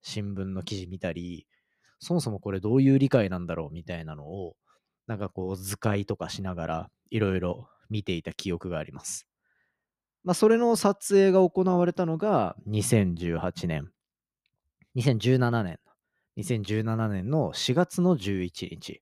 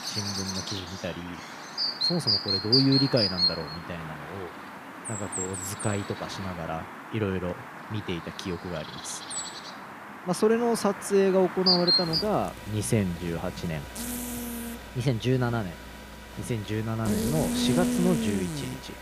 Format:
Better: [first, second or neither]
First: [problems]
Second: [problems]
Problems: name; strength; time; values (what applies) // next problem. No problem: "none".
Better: first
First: none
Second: animal sounds; very loud; throughout; 1 dB above the speech